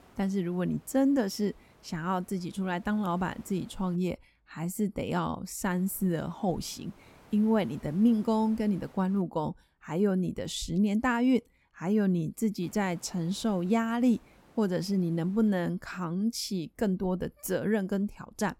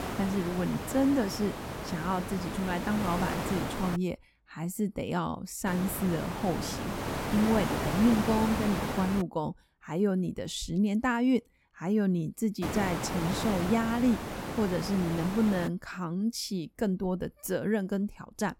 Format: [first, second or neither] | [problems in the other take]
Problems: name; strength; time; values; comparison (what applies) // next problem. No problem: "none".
first | hiss; loud; until 4 s, from 5.5 to 9 s and from 13 to 16 s; 4 dB below the speech; faint in the first